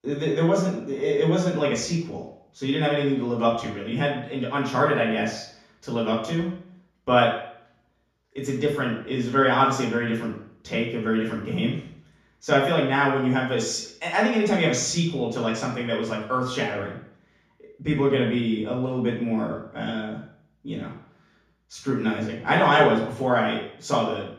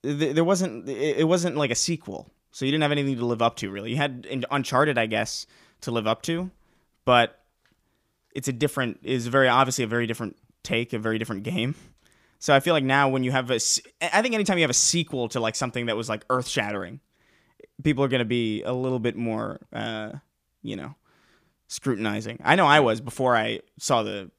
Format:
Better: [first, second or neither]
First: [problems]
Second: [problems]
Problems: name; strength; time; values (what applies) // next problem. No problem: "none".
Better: second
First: room echo; noticeable; dies away in 0.6 s // off-mic speech; far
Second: none